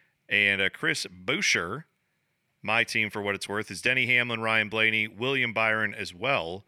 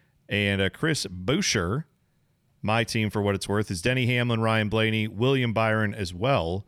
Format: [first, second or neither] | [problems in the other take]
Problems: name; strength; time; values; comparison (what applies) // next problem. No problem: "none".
second | thin; somewhat; fading below 650 Hz